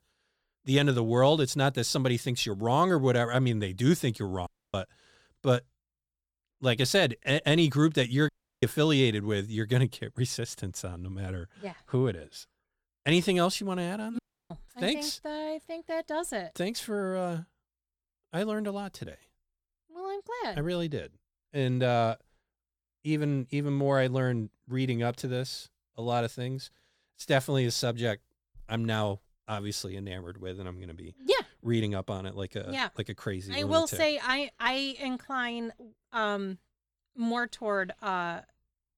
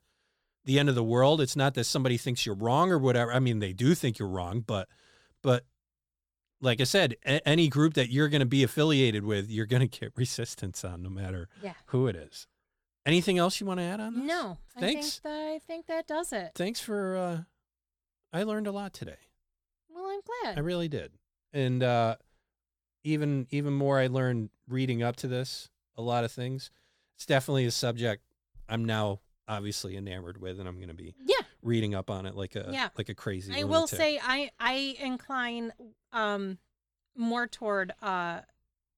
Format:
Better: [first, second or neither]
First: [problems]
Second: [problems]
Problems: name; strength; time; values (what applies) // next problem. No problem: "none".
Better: second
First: audio cutting out; at 4.5 s, at 8.5 s and at 14 s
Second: none